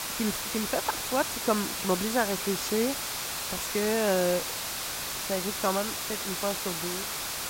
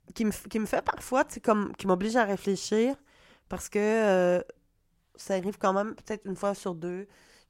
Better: second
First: hiss; loud; throughout; 1 dB below the speech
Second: none

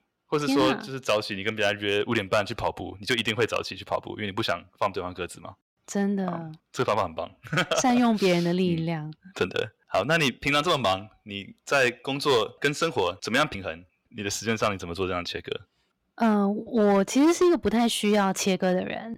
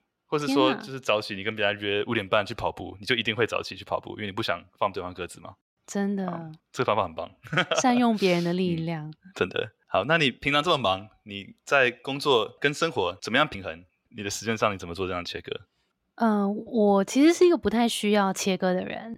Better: second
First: distortion; slight; 4% of the sound clipped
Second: none

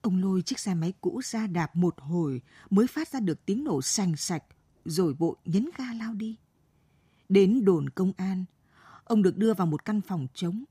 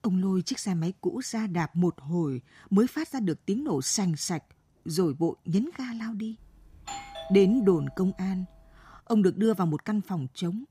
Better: first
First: none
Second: doorbell; faint; from 6.5 to 9 s; peak 10 dB below the speech

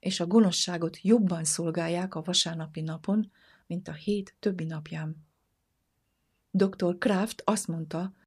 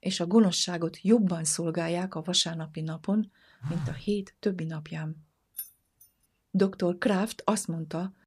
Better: first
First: none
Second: phone ringing; noticeable; at 3.5 s; peak 6 dB below the speech // jangling keys; faint; at 5.5 s; peak 10 dB below the speech

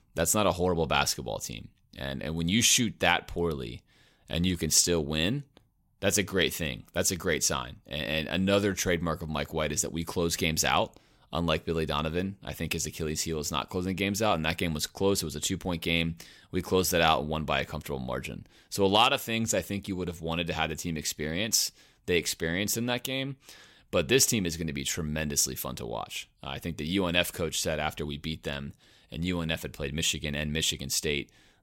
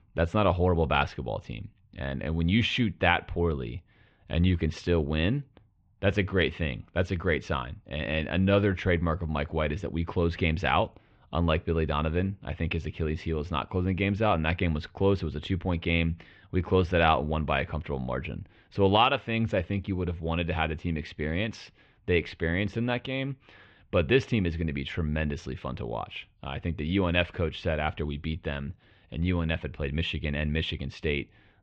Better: first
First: none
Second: muffled; very; fading above 3 kHz

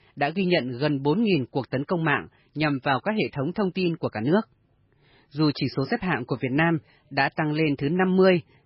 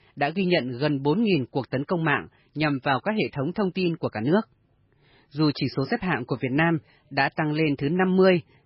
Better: neither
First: garbled, watery; badly; nothing above 4.5 kHz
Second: garbled, watery; badly; nothing above 4.5 kHz

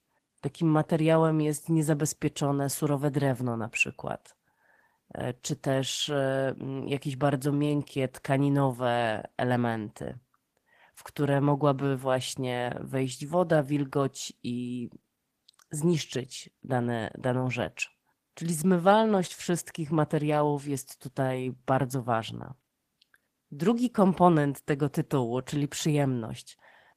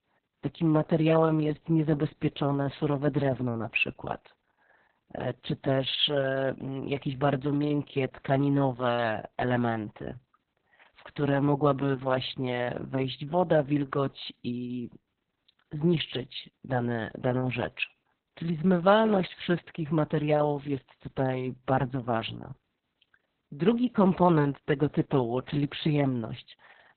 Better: first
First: garbled, watery; slightly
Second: garbled, watery; badly; nothing above 3.5 kHz

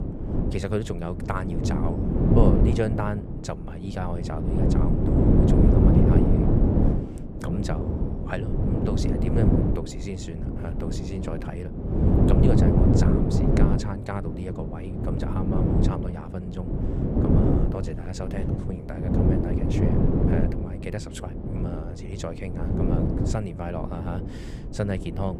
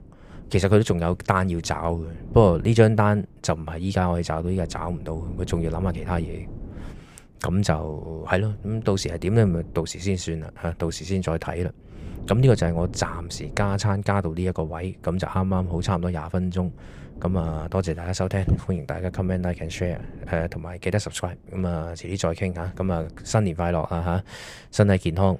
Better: second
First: wind noise on the microphone; heavy; 4 dB above the speech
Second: wind noise on the microphone; occasional gusts; 20 dB below the speech

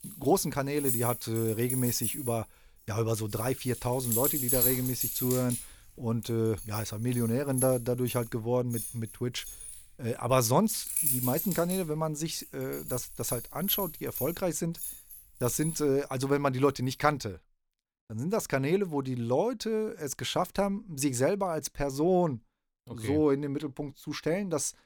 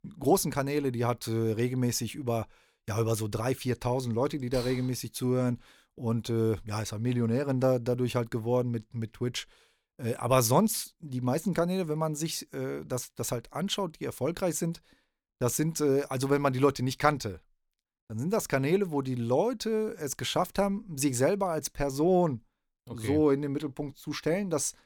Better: second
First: household noises; loud; until 16 s; 2 dB below the speech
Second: none

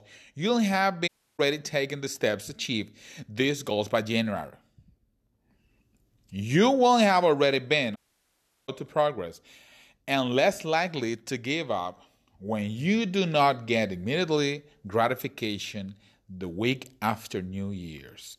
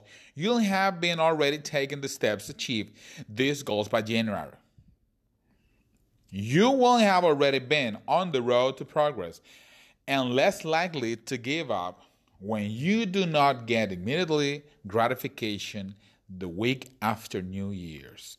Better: second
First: audio cutting out; at 1 s and at 8 s for 0.5 s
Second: none

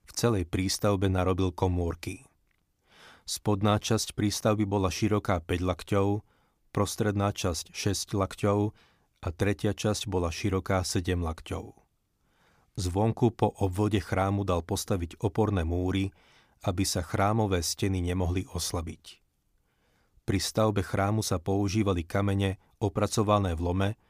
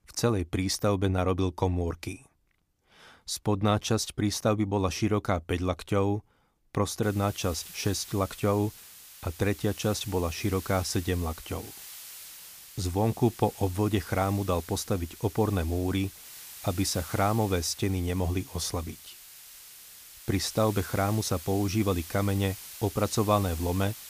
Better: first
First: none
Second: hiss; noticeable; from 7 s on; 15 dB below the speech

